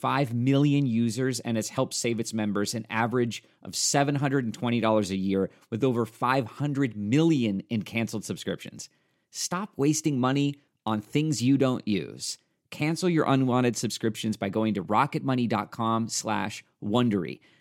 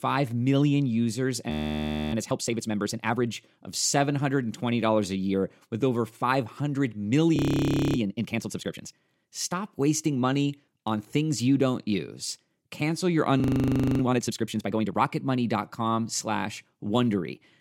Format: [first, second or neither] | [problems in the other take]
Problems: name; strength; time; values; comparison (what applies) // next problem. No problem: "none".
first | audio freezing; at 1.5 s for 0.5 s, at 7.5 s for 0.5 s and at 13 s for 0.5 s